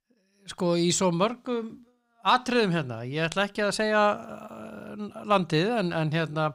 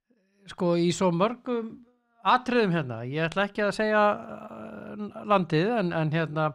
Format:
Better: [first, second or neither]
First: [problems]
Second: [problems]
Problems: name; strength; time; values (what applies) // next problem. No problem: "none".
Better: first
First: none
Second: muffled; slightly; fading above 3.5 kHz